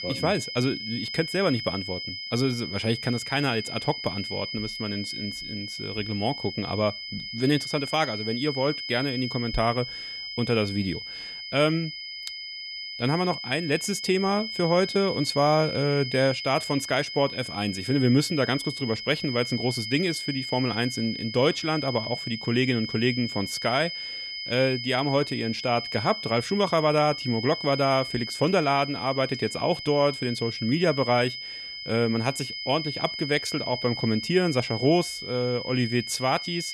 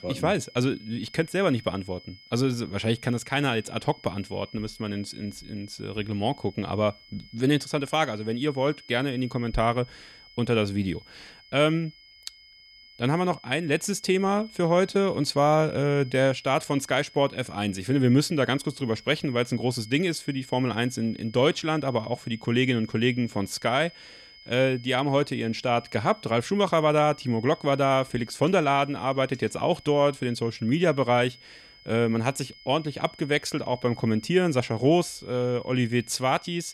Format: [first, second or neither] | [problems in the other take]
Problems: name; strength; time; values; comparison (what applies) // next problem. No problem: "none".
second | high-pitched whine; loud; throughout; 5 kHz, 7 dB below the speech; faint in the second